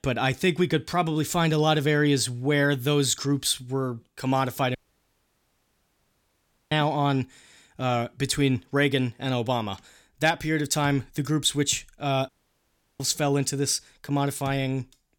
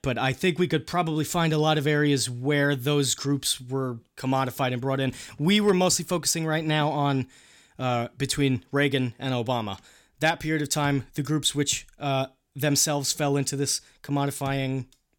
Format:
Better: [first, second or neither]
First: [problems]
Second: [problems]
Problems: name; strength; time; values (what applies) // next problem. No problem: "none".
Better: second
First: audio cutting out; at 5 s for 2 s and at 12 s for 0.5 s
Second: none